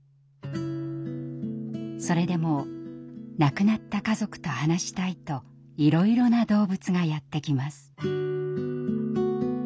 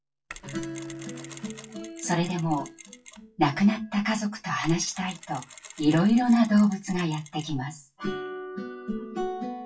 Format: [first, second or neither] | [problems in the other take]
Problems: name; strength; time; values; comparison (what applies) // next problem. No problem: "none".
first | noise reduction (classical method WPE with log-MMSE)